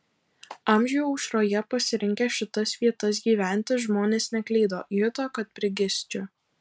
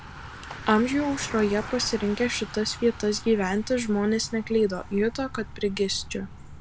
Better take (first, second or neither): first